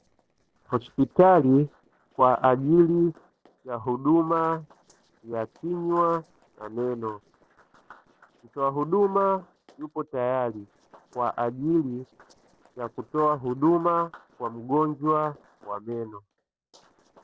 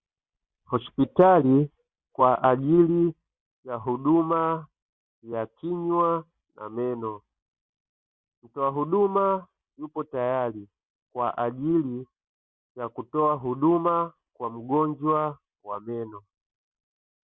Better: second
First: noise reduction (neural separator model SepFormer DNS4)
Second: none

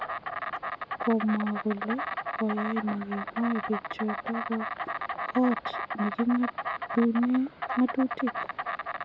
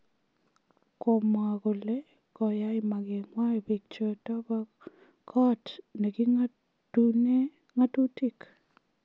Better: second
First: background sound (Insect); 5 dB below the speech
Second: none

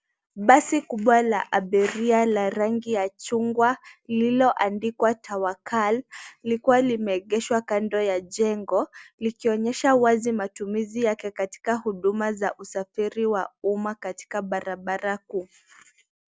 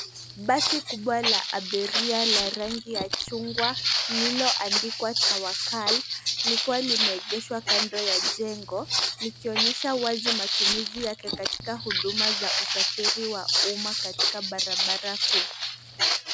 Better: first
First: none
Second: background sound (Walk, footsteps); 5 dB above the speech

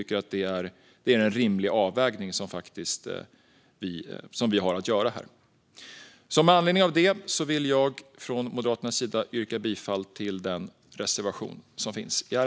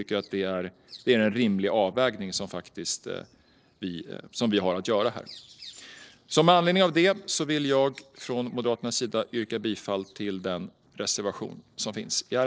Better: first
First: none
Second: noise reduction (neural separator model SepFormer DNS4)

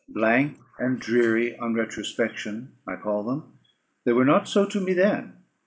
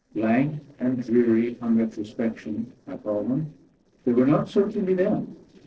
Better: first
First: none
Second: noise reduction (neural separator model SepFormer DNS4)

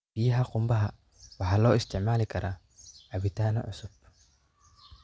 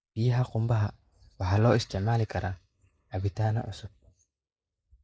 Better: first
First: none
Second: noise reduction (neural mask model Resemble Enhance denoiser)

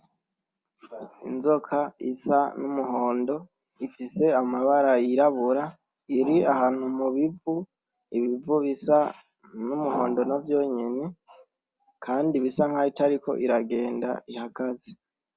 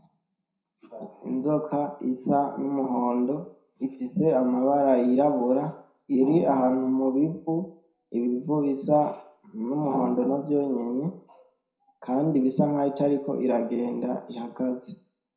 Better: first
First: none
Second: room echo; dies away in 0.4 s

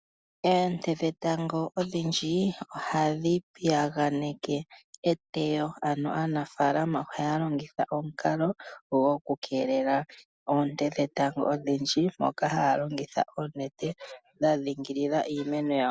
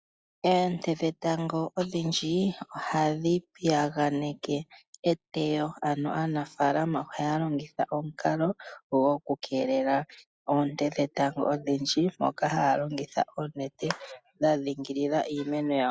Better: first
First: none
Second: noise reduction (classical method log-MMSE)

